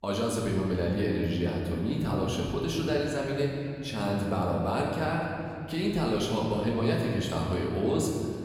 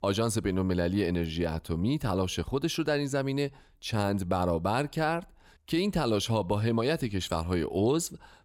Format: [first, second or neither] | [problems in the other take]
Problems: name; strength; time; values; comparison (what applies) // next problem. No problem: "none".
second | room echo; noticeable; dies away in 2.5 s // off-mic speech; far